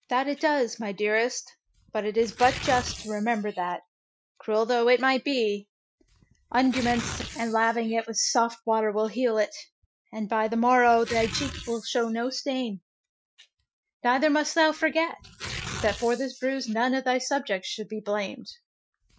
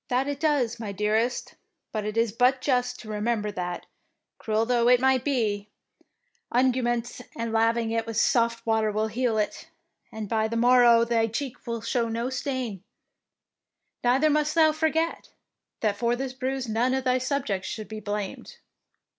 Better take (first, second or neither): second